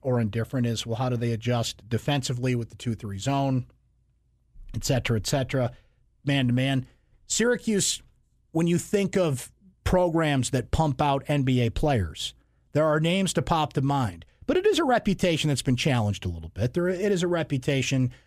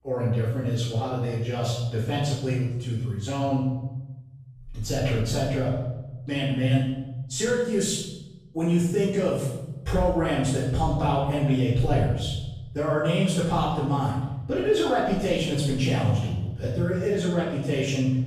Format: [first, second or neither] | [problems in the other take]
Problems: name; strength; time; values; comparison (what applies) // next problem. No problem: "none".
first | off-mic speech; far // room echo; strong; dies away in 1.1 s